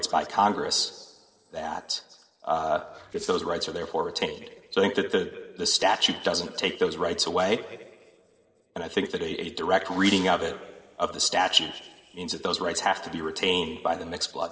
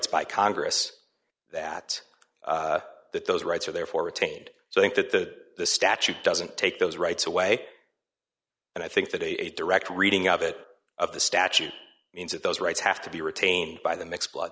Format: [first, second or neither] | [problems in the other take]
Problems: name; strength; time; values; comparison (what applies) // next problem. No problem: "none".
second | noise reduction (neural separator model SepFormer DNS4)